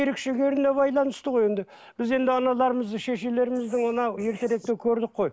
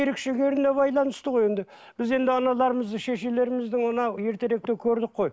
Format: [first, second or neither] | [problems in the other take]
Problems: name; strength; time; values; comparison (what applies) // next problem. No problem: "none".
second | noise reduction (neural mask model Resemble Enhance denoiser)